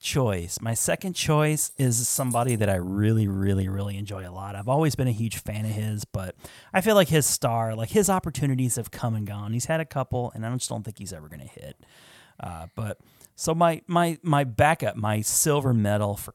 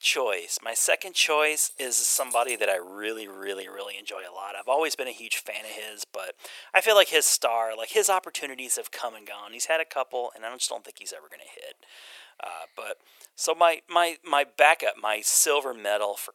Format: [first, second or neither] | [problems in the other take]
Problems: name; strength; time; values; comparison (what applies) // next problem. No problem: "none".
first | thin; very; fading below 400 Hz